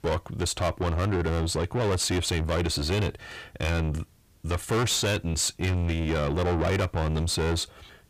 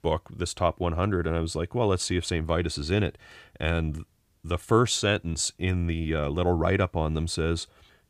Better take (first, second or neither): second